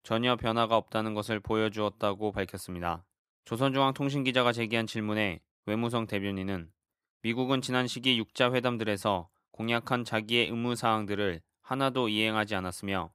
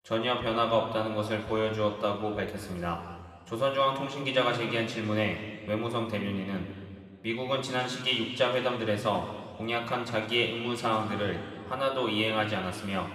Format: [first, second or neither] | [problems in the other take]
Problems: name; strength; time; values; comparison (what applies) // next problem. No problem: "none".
first | room echo; noticeable; dies away in 2.1 s // off-mic speech; somewhat distant